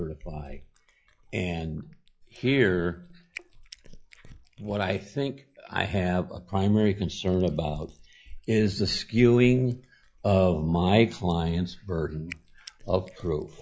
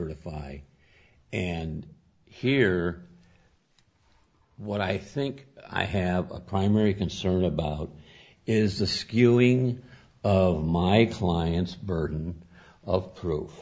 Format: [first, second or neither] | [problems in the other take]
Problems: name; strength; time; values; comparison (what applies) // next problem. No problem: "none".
second | noise reduction (classical method log-MMSE)